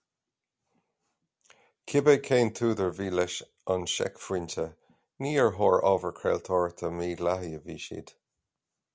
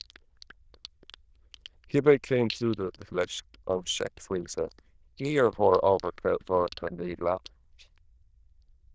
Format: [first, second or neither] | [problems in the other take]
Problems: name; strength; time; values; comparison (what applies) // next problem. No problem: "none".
first | noise reduction (neural diffusion model UNIVERSE++)